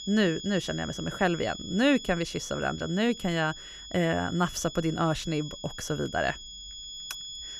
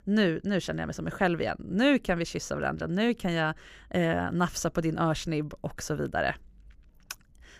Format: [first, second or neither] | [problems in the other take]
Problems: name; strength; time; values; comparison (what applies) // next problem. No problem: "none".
second | high-pitched whine; noticeable; throughout; 3.5 kHz, 10 dB below the speech